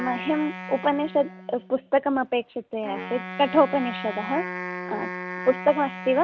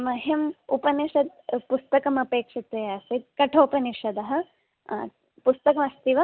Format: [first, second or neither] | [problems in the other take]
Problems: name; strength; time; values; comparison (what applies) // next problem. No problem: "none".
second | background sound (Wind instrument, woodwind instrument); 10 dB below the speech